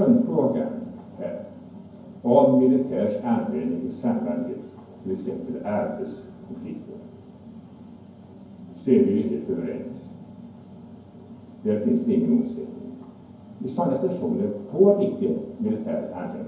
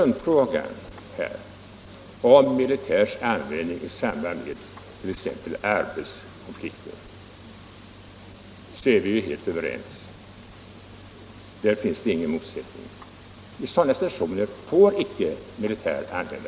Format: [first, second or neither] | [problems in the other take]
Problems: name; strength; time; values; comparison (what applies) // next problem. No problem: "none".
second | room echo; dies away in 0.9 s